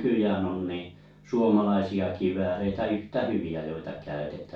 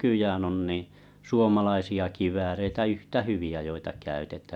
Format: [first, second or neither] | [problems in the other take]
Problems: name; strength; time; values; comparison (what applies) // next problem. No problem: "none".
second | room echo; dies away in 0.3 s